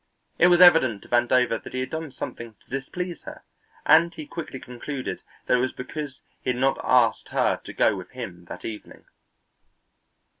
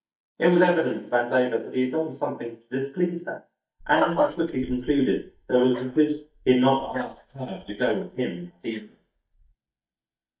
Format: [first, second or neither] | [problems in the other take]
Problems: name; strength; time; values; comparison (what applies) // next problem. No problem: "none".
first | noise reduction (neural mask model DeepFilterNet 3)